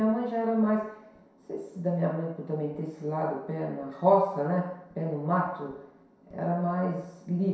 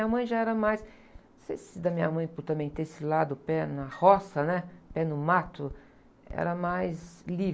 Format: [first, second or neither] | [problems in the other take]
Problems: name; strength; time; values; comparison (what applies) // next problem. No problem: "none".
second | room echo; dies away in 0.7 s